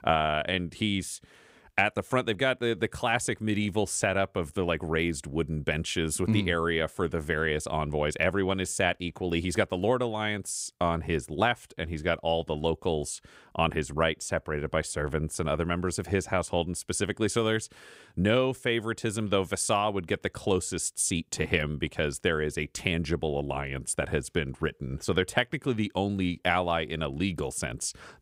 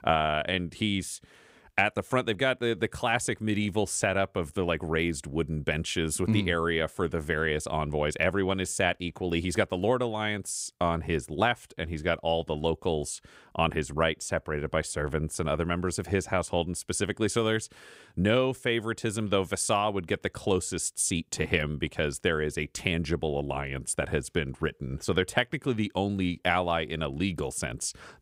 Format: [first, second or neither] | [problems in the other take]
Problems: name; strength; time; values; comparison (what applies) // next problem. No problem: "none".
neither | none